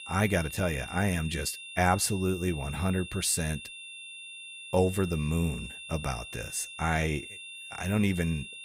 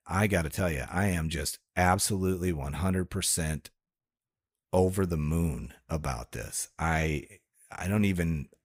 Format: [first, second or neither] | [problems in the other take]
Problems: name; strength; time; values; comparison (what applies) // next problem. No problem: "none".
second | high-pitched whine; noticeable; throughout; 2.5 kHz, 10 dB below the speech